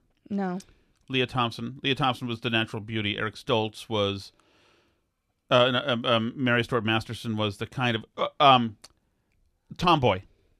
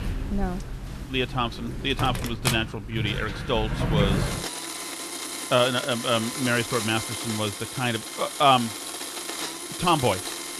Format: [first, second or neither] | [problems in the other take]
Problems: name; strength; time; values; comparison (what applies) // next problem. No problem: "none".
first | household noises; loud; throughout; 5 dB below the speech